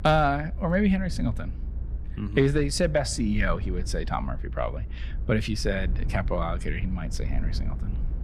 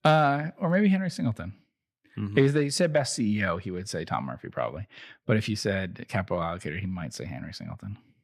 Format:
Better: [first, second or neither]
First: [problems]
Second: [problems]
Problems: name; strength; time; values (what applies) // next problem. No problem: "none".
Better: second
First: low rumble; faint; throughout; 20 dB below the speech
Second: none